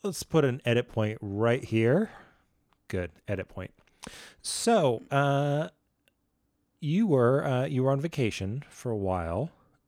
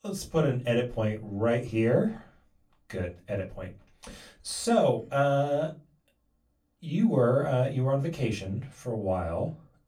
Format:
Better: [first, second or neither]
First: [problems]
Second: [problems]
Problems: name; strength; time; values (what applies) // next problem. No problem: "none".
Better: first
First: none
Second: off-mic speech; far // room echo; very slight; dies away in 0.2 s